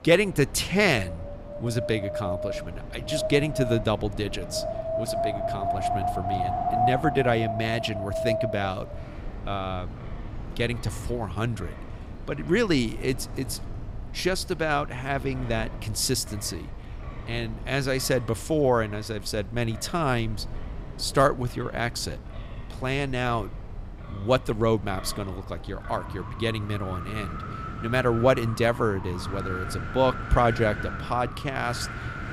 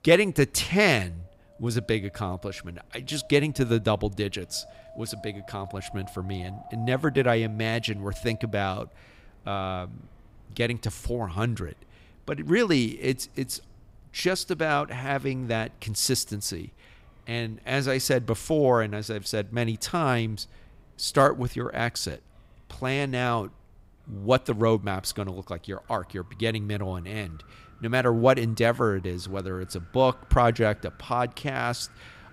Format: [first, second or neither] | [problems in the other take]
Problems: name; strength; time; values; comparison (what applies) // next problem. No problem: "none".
second | wind in the background; loud; throughout; 7 dB below the speech; faint in the second